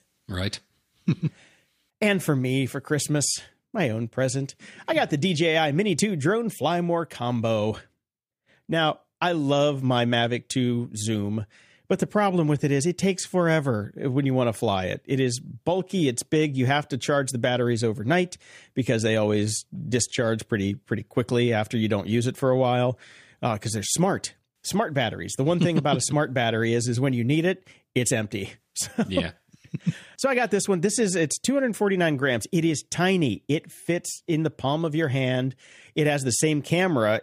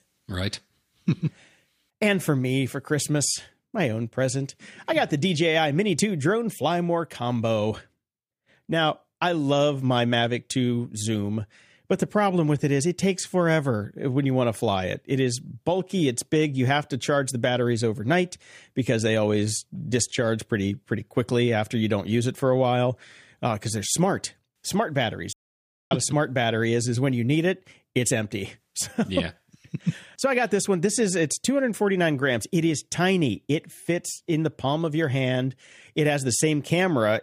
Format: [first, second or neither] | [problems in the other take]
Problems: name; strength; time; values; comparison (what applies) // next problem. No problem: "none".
first | audio cutting out; at 25 s for 0.5 s